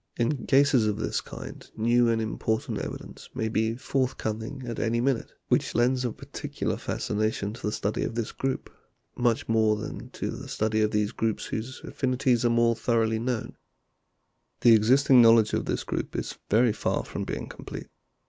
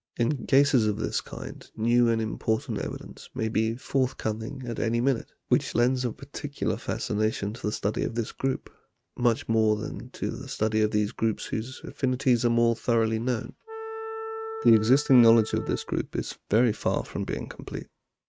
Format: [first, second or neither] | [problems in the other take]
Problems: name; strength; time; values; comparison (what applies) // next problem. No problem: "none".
first | noise reduction (neural mask model RNNoise)